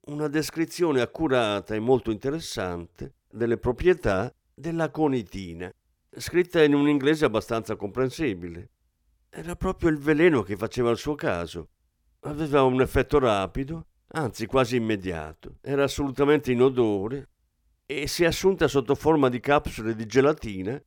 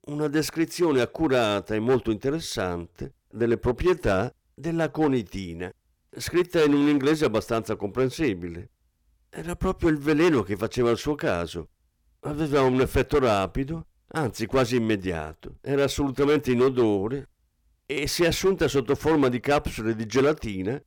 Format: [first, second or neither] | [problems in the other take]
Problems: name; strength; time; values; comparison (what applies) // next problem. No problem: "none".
first | distortion; slight; 5% of the sound clipped